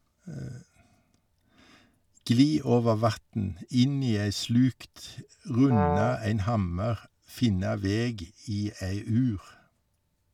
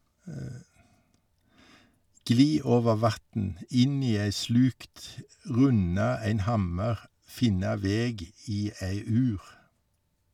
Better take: second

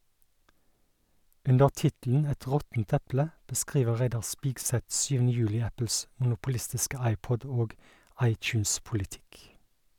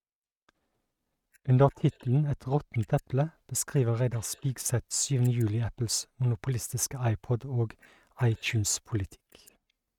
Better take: first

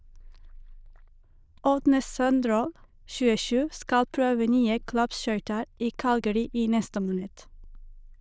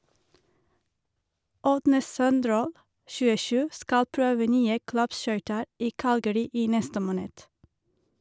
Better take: second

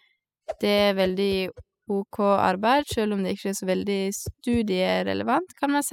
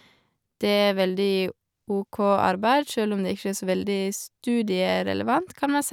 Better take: second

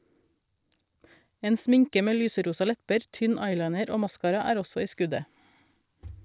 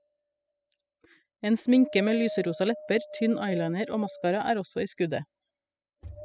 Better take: first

